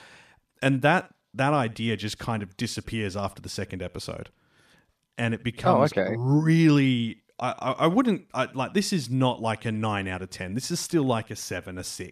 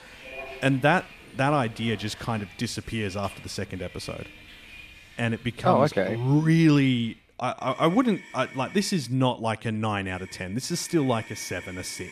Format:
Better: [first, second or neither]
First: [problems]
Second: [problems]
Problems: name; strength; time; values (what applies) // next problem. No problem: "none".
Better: first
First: none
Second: traffic noise; noticeable; throughout; 20 dB below the speech